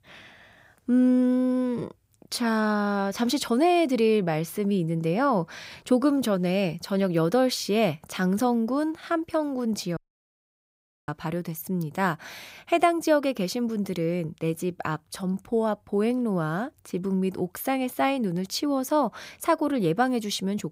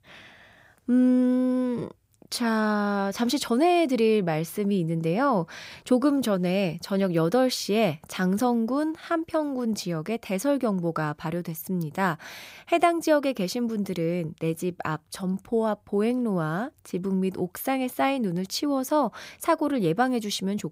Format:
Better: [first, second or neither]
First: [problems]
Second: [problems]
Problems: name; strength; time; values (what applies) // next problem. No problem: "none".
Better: second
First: audio cutting out; at 10 s for 1 s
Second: none